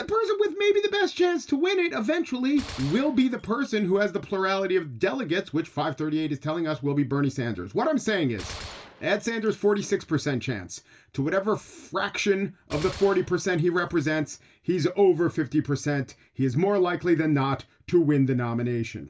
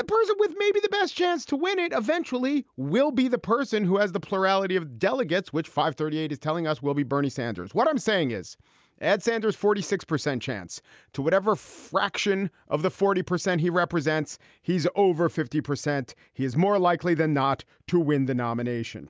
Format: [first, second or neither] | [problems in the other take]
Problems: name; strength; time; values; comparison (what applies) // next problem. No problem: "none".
second | background sound (Gunshot, gunfire); 19 dB below the speech // room echo; dies away in 0.2 s